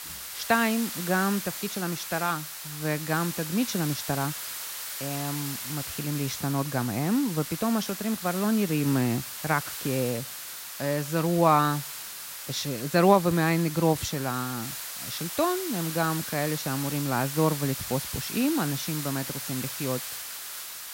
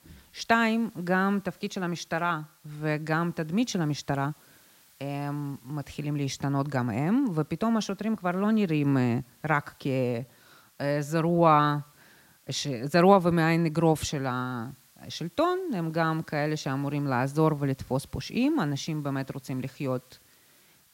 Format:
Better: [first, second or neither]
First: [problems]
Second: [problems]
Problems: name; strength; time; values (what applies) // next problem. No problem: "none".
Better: second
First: hiss; loud; throughout; 6 dB below the speech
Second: hiss; faint; throughout; 30 dB below the speech